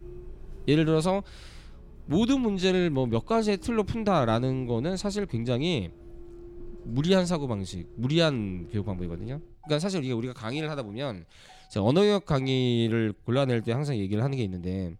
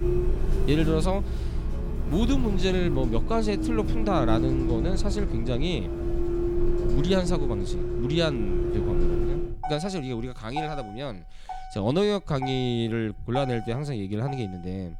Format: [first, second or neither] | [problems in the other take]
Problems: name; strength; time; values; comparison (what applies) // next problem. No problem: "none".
first | traffic noise; loud; throughout; 2 dB below the speech; faint in the first